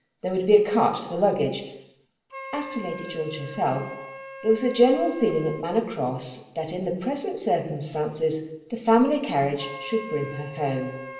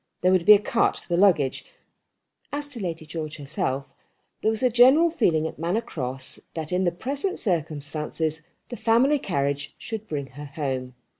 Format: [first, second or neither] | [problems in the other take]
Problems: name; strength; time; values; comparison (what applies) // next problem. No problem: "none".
second | background sound (Wind instrument, woodwind instrument); 17 dB below the speech // room echo; dies away in 0.9 s